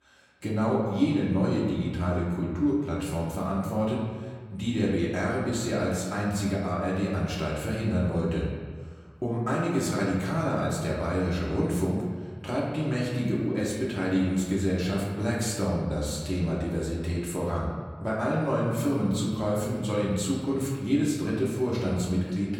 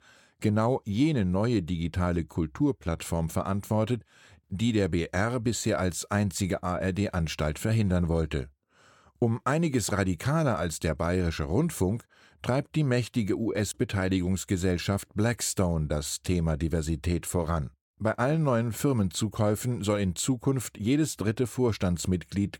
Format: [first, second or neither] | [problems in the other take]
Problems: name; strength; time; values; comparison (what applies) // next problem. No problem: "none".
second | room echo; noticeable; dies away in 1.4 s // off-mic speech; far